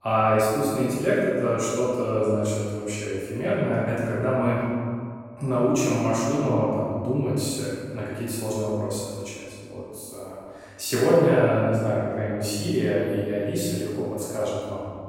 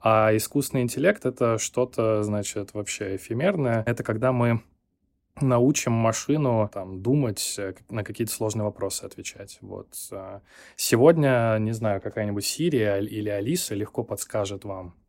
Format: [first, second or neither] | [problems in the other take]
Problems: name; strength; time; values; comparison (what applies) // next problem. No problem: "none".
second | room echo; strong; dies away in 1.7 s // off-mic speech; far